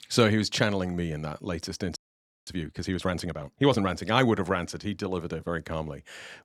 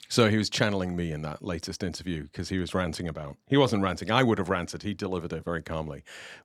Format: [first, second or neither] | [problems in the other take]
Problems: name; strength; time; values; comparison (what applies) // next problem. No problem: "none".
second | audio freezing; at 2 s for 0.5 s